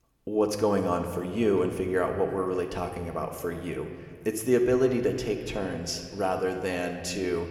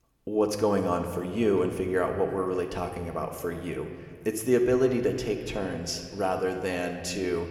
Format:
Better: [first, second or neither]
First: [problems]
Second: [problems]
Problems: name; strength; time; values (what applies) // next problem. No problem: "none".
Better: neither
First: room echo; slight; dies away in 1.9 s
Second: room echo; slight; dies away in 1.9 s